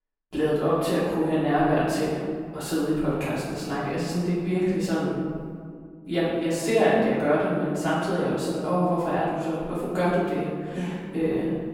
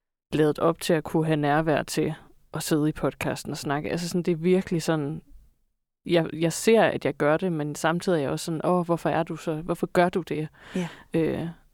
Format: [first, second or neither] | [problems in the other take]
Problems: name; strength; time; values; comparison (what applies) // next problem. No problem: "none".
second | off-mic speech; far // room echo; strong; dies away in 1.7 s